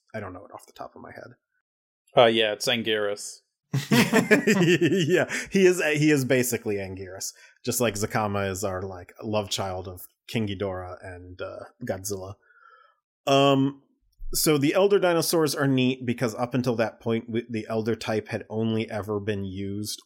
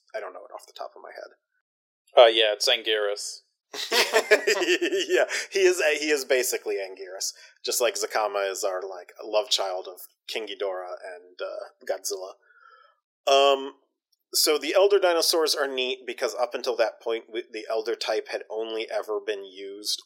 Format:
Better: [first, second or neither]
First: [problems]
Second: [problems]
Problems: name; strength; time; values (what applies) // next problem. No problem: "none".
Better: first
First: none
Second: thin; very; fading below 350 Hz